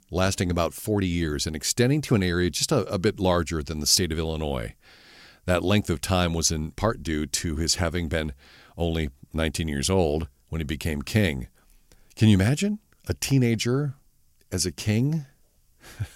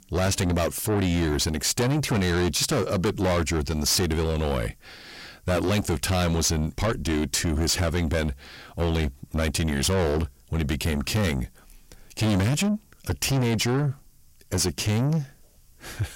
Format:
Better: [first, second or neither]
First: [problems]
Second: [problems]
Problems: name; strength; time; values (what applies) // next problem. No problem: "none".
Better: first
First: none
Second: distortion; heavy; 6 dB below the speech